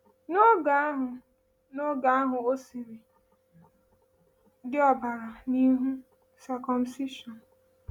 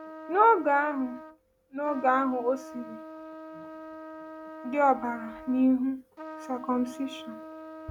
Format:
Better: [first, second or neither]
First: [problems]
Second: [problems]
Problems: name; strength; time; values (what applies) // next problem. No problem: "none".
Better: first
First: none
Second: background sound (Trumpet); 14 dB below the speech